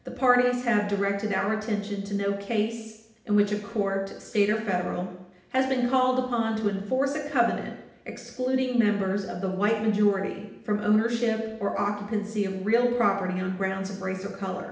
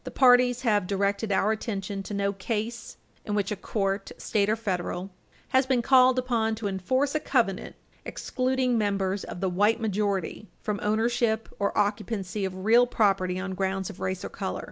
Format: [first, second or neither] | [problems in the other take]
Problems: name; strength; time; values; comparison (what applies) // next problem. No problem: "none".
second | room echo; dies away in 0.8 s